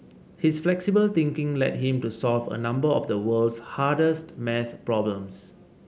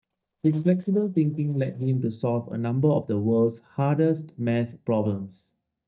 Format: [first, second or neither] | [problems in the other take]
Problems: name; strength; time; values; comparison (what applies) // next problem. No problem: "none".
first | noise reduction (neural mask model DeepFilterNet 3)